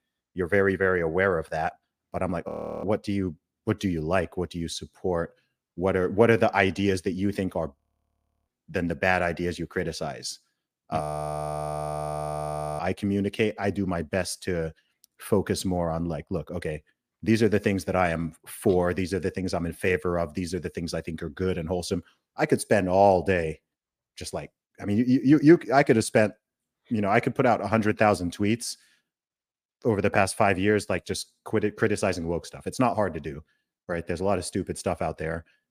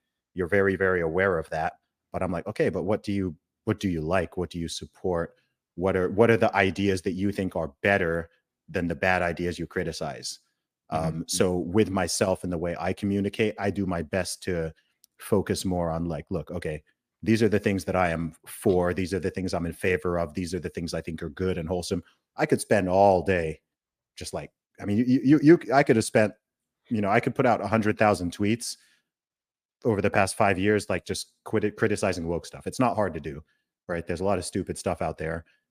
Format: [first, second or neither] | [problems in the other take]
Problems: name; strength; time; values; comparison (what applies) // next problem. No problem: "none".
second | audio freezing; at 2.5 s, at 8 s for 0.5 s and at 11 s for 2 s